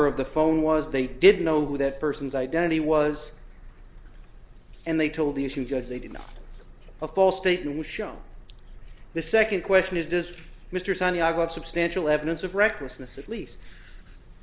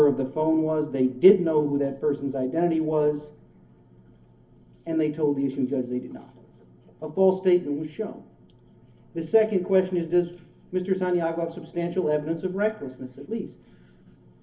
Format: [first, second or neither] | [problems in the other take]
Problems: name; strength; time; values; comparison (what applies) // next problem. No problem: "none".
first | room echo; dies away in 0.3 s